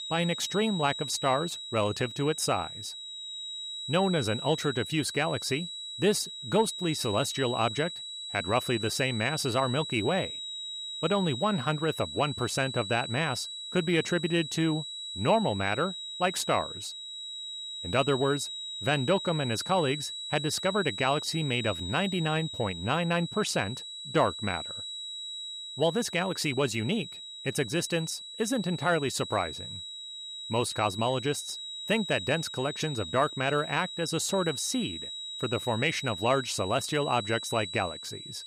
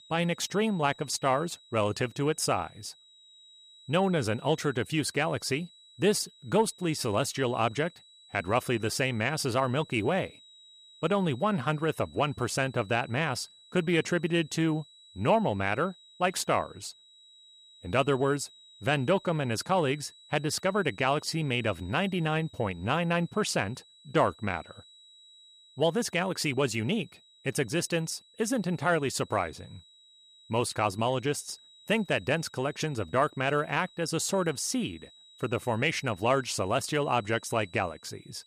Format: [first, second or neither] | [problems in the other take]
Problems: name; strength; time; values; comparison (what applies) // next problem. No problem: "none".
second | high-pitched whine; loud; throughout; 4 kHz, 7 dB below the speech; faint in the second